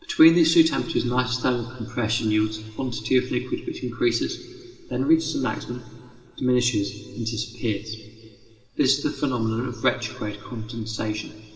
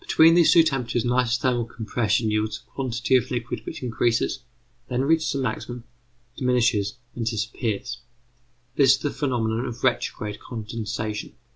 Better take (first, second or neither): second